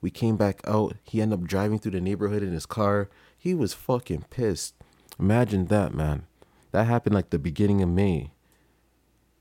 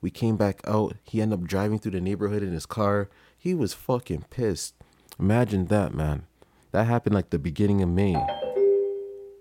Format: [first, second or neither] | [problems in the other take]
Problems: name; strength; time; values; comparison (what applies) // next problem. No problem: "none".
first | phone ringing; loud; at 8 s; peak 4 dB above the speech